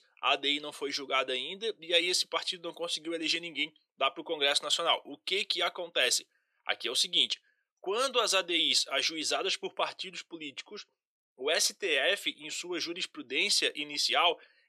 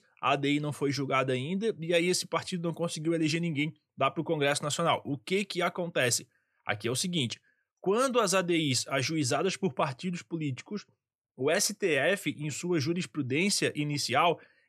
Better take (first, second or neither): second